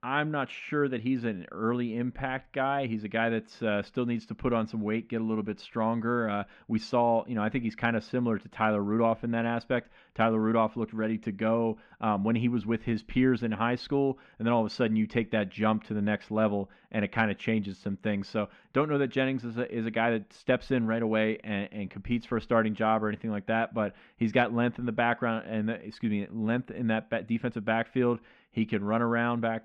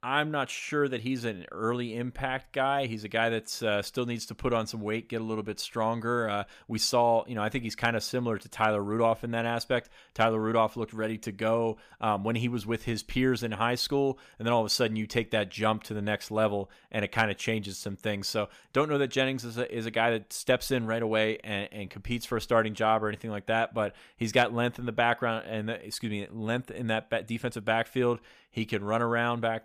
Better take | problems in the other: second | muffled; slightly; fading above 2 kHz

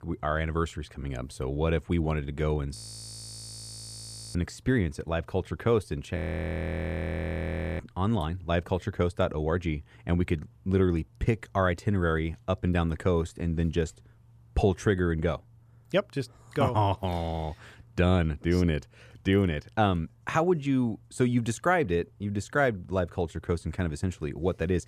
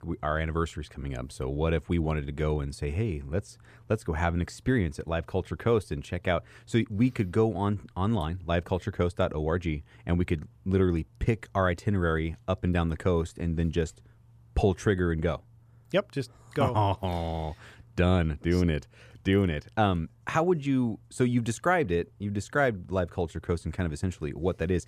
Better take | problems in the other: second | audio freezing; at 3 s for 1.5 s and at 6 s for 1.5 s

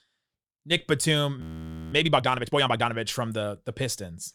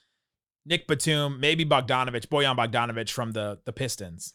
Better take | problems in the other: second | audio freezing; at 1.5 s for 0.5 s

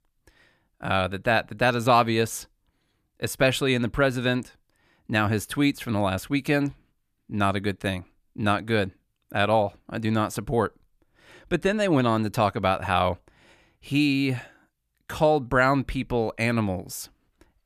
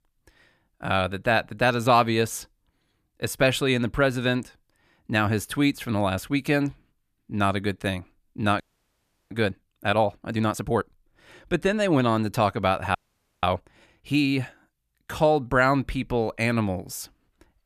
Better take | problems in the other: first | audio freezing; at 8.5 s for 0.5 s and at 13 s

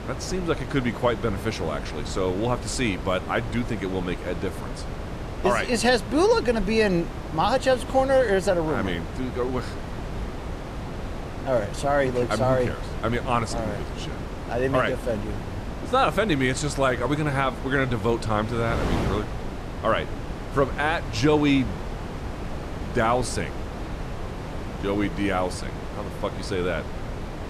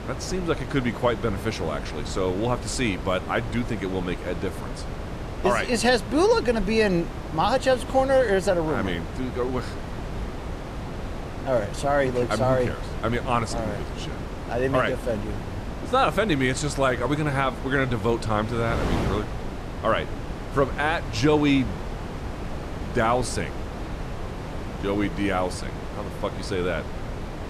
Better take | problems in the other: neither | wind noise on the microphone; occasional gusts; 10 dB below the speech; the same in both

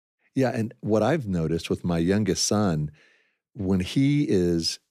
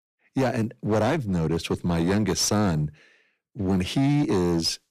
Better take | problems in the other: first | distortion; slight; 15% of the sound clipped

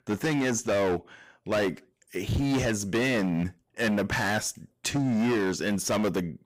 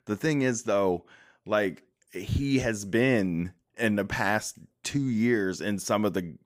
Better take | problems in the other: second | distortion; heavy; 20% of the sound clipped

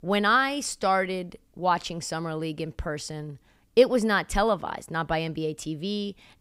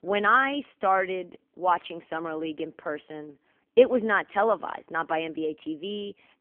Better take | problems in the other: first | phone-call audio; poor line; nothing above 3.5 kHz

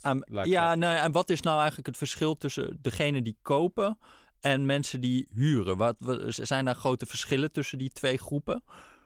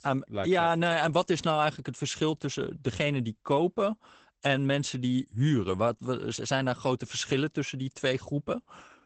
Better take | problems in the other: first | garbled, watery; badly; nothing above 8 kHz; slightly in the first

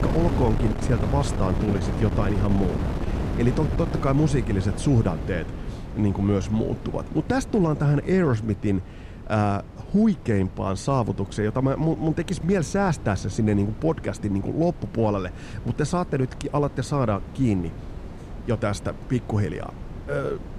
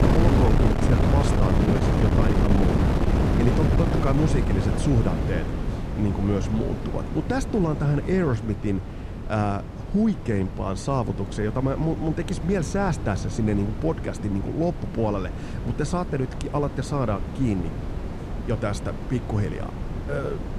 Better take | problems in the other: first | wind noise on the microphone; heavy; 3 dB below the speech; occasional gusts in the first

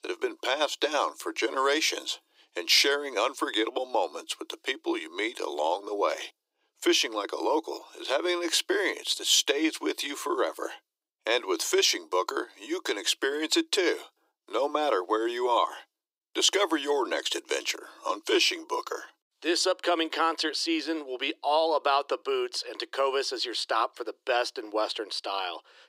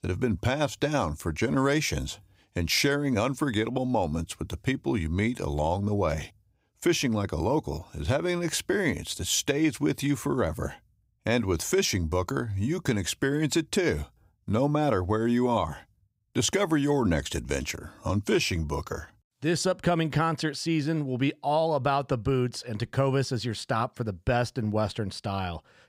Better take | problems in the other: second | thin; very; fading below 300 Hz

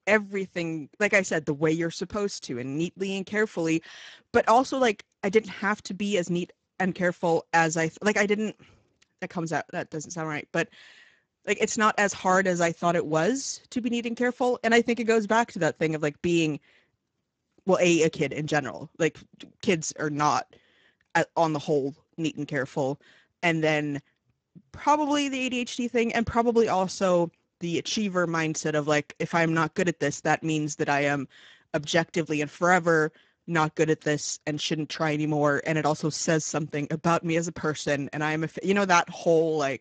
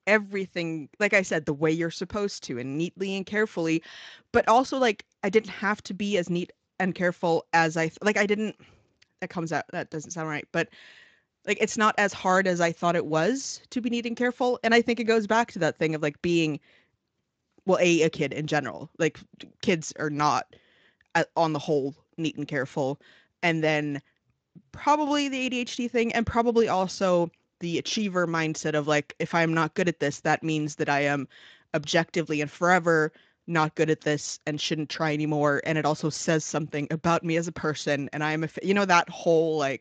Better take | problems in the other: second | garbled, watery; badly; nothing above 7.5 kHz; slightly in the second

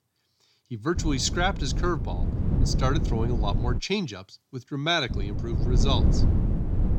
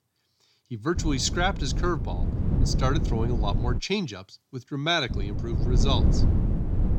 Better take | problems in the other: neither | wind noise on the microphone; heavy; from 1 to 4 s and from 5 s on; 10 dB below the speech; the same in both

